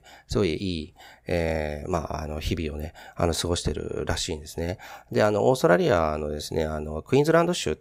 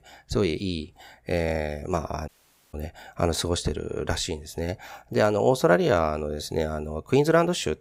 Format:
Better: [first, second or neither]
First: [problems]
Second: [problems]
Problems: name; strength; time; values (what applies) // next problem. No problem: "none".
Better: first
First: none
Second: audio cutting out; at 2.5 s